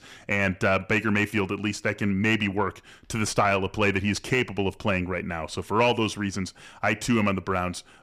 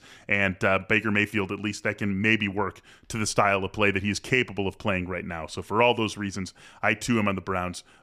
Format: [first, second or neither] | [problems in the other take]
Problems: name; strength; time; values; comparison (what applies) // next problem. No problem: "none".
second | distortion; slight; 10 dB below the speech